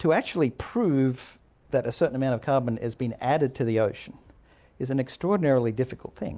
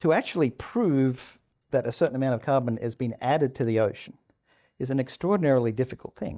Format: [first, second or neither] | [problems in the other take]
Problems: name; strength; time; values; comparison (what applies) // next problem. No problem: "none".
first | noise reduction (neural mask model DeepFilterNet 3)